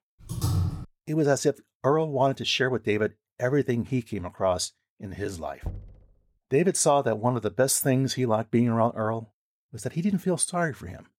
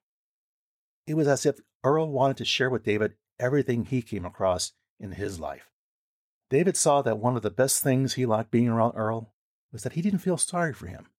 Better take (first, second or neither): second